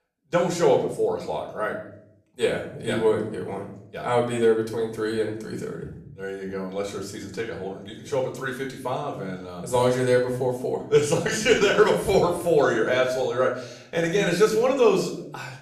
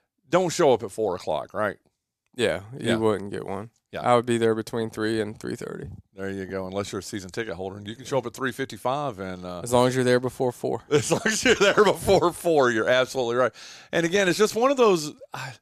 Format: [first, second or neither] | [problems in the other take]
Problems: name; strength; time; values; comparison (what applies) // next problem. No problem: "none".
second | room echo; slight; dies away in 0.6 s // off-mic speech; far